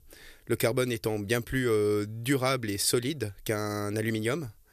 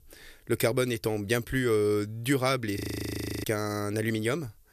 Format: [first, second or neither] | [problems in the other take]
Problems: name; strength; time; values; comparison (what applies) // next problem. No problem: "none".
first | audio freezing; at 3 s for 0.5 s